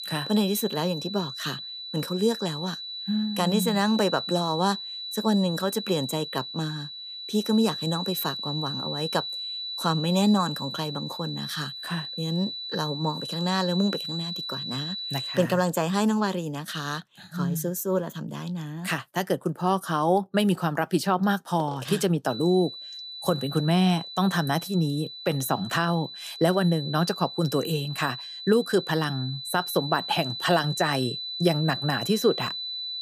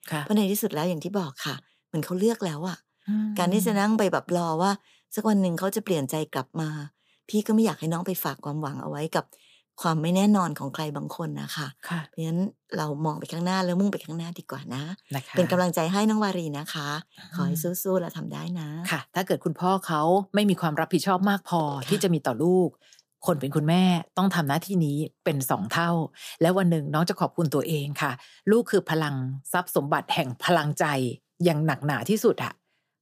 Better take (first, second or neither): second